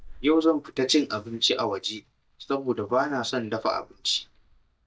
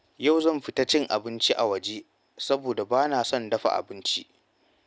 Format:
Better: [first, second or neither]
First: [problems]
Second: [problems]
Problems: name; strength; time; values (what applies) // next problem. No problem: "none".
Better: second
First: noise reduction (neural mask model DeepFilterNet 3)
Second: none